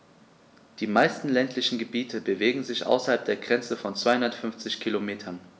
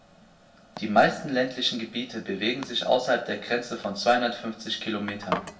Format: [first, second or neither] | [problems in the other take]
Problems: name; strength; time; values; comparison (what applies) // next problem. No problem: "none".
first | background sound (Domestic sounds, home sounds); 15 dB below the speech // room echo; dies away in 0.2 s